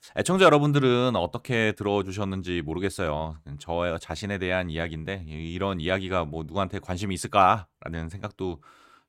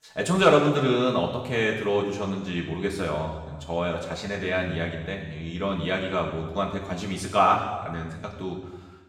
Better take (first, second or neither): first